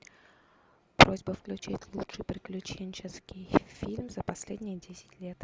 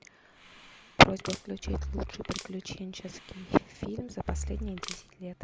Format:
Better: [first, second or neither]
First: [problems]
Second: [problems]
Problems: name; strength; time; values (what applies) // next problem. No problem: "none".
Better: first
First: none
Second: background sound (Crushing + Breathing); 10 dB below the speech